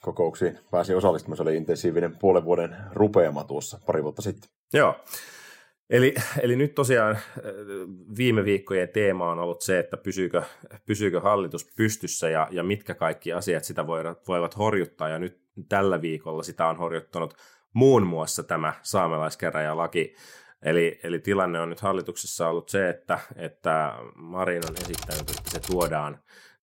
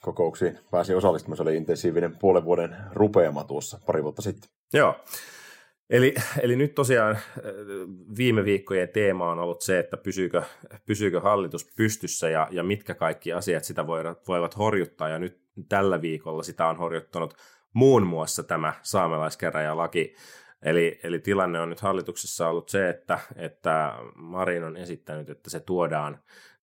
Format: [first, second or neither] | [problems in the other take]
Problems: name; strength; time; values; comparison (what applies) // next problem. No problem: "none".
second | keyboard typing; noticeable; from 25 to 26 s; peak 6 dB below the speech